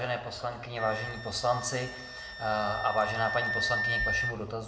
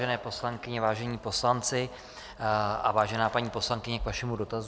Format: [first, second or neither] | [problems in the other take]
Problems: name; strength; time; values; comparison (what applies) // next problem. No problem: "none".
second | background sound (Wind instrument, woodwind instrument); 3 dB below the speech // room echo; dies away in 0.7 s